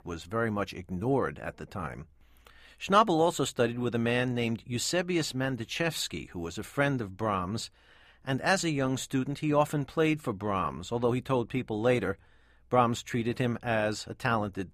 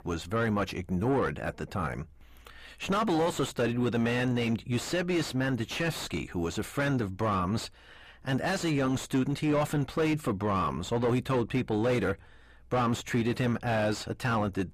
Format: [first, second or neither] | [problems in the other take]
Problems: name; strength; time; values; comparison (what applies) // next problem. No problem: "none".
first | distortion; heavy; 6 dB below the speech